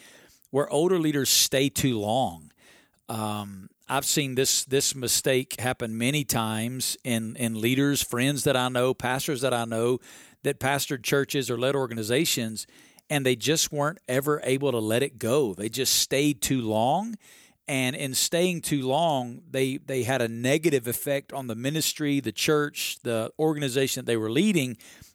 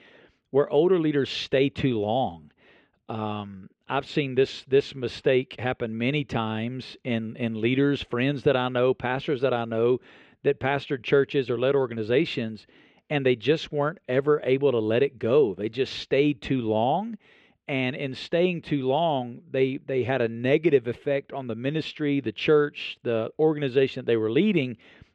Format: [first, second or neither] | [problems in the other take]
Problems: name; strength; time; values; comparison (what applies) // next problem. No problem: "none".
first | muffled; very; fading above 3 kHz